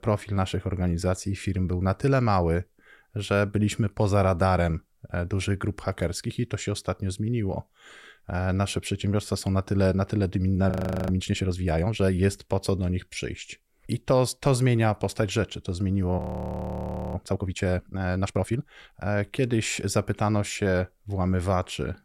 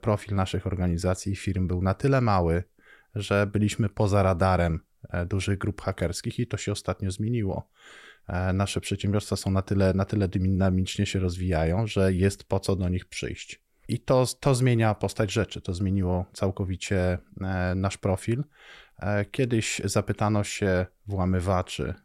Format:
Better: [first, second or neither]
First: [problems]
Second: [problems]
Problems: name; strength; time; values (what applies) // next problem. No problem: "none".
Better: second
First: audio freezing; at 11 s and at 16 s for 1 s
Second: none